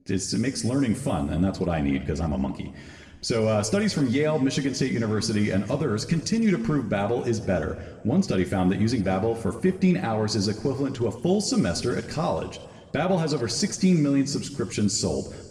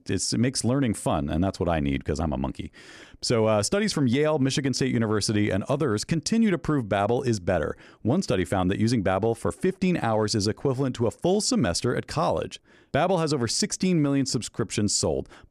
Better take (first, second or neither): second